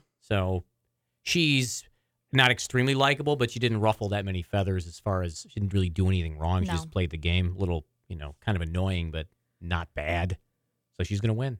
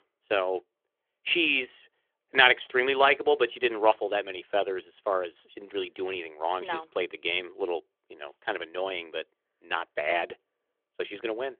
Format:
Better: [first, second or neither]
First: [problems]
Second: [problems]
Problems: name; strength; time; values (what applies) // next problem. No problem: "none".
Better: first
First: none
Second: phone-call audio; nothing above 3.5 kHz